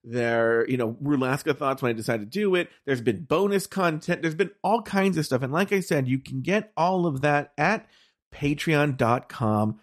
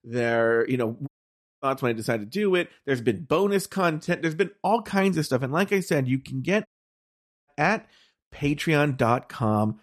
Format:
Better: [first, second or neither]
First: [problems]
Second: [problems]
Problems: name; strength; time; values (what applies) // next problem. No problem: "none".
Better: first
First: none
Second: audio cutting out; at 1 s for 0.5 s and at 6.5 s for 1 s